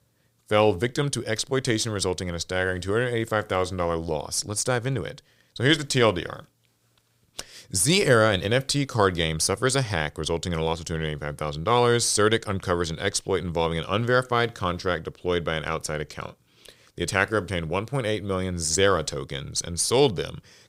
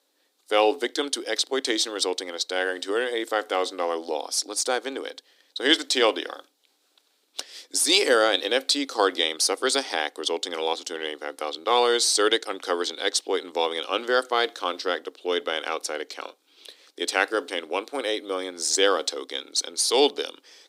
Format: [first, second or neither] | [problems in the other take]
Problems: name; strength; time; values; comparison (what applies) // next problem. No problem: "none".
first | thin; somewhat; fading below 250 Hz